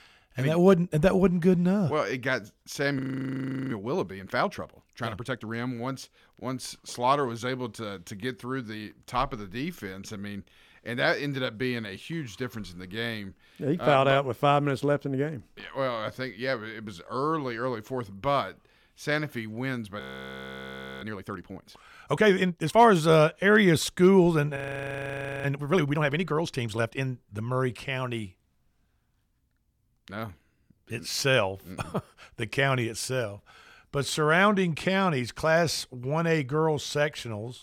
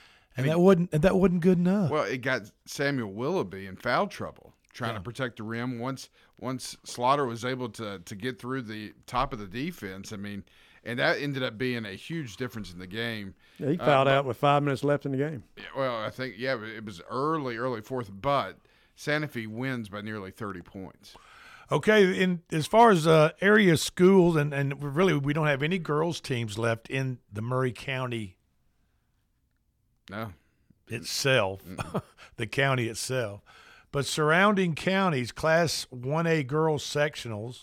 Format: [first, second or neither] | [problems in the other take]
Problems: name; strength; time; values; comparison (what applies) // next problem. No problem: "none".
second | audio freezing; at 3 s for 0.5 s, at 20 s for 1 s and at 25 s for 1 s